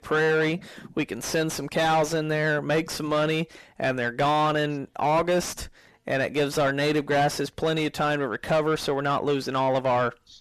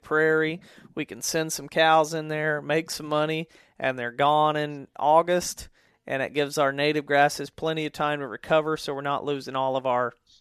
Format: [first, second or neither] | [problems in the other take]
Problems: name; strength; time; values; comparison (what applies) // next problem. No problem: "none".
second | distortion; heavy; 6 dB below the speech